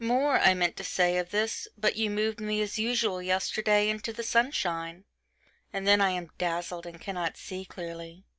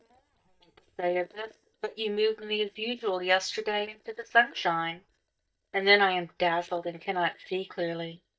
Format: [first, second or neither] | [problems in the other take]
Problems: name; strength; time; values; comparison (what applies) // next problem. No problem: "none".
first | noise reduction (neural mask model DeepFilterNet 3)